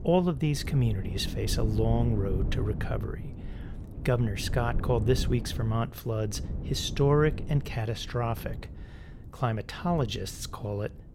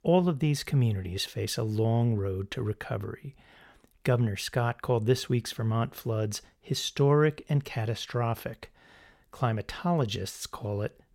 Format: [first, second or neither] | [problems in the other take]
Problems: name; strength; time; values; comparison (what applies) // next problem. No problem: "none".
second | wind noise on the microphone; occasional gusts; 15 dB below the speech